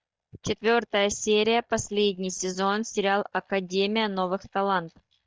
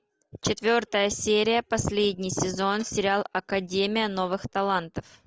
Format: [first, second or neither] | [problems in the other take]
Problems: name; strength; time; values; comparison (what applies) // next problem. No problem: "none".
second | noise reduction (neural mask model DeepFilterNet 3)